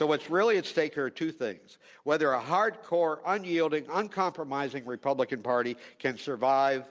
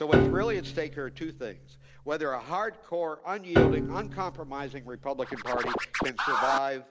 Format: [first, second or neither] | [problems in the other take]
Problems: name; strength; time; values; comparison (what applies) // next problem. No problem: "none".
first | background sound (Scratching (performance technique) + Piano); 3 dB above the speech